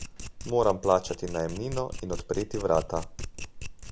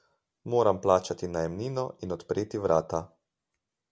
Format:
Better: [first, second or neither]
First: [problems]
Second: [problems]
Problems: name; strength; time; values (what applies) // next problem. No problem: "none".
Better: second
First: background sound (Domestic sounds, home sounds); 8 dB below the speech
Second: none